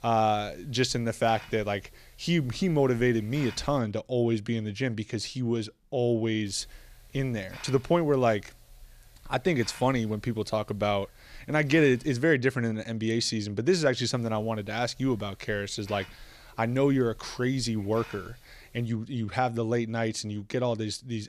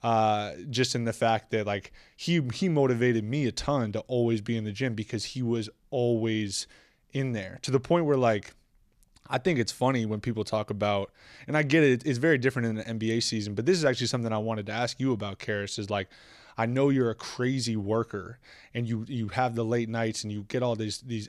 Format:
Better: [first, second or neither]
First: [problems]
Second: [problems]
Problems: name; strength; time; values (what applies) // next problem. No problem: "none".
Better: second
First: hiss; faint; until 4 s, from 6.5 to 12 s and from 14 to 19 s; 25 dB below the speech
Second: none